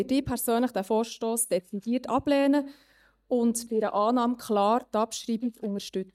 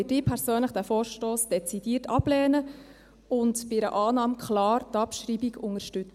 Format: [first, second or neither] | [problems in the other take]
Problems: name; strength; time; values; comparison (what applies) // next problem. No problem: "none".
second | noise reduction (neural mask model DeepFilterNet 3)